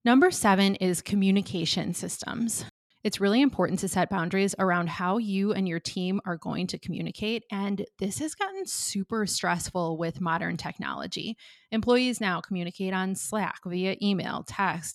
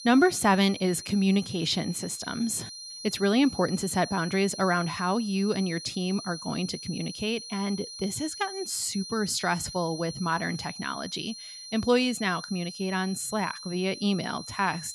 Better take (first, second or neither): first